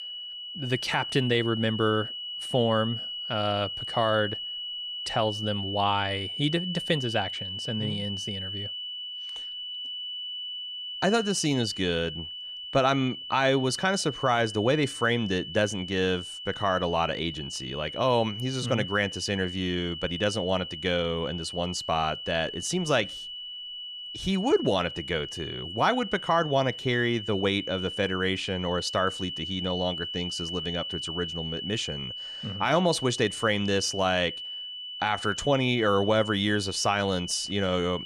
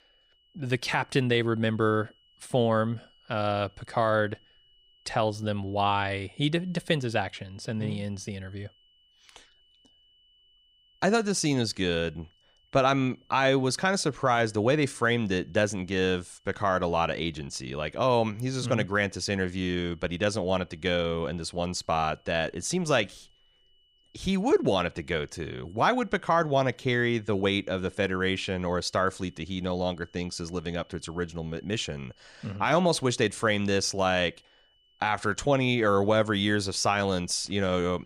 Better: second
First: high-pitched whine; loud; throughout; 3 kHz, 7 dB below the speech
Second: high-pitched whine; faint; throughout; 3 kHz, 35 dB below the speech

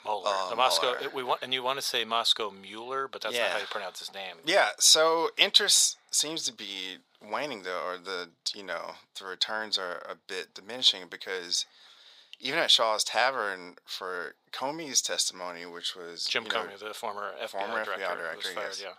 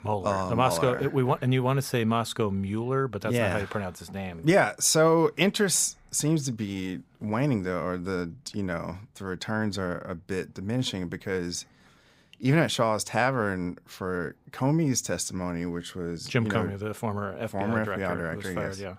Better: second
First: thin; very; fading below 700 Hz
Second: none

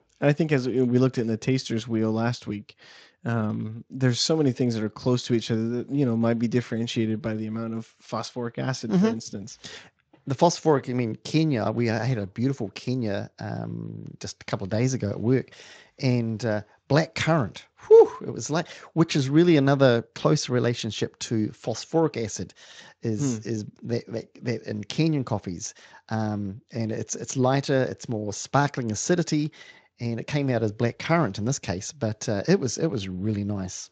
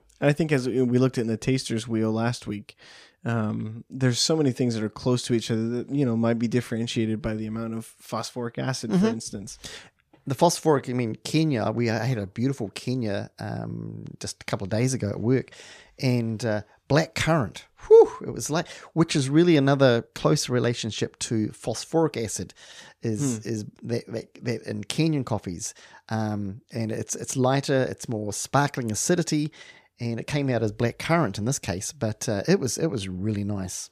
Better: second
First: garbled, watery; slightly; nothing above 7.5 kHz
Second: none

